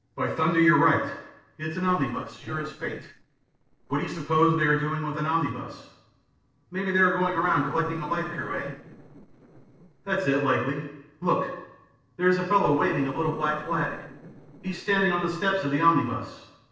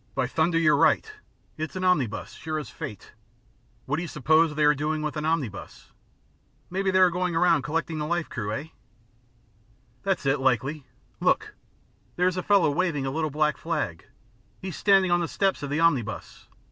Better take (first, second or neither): second